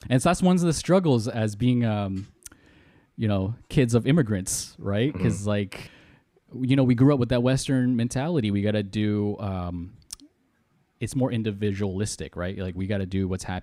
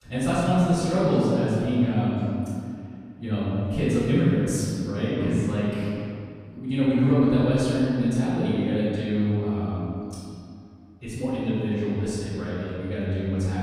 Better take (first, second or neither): first